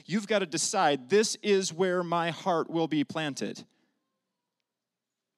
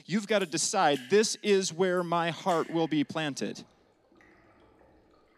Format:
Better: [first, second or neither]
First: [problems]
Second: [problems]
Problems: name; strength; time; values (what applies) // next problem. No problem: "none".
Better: first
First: none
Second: rain or running water; faint; throughout; 25 dB below the speech